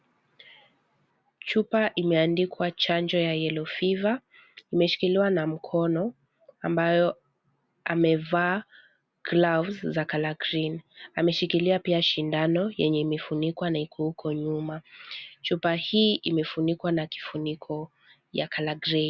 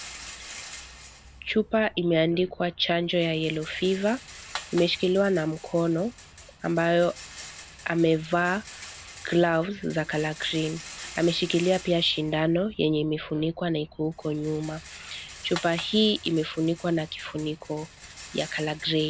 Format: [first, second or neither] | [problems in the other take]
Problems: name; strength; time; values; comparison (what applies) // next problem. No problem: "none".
first | background sound (Rattle); 17 dB below the speech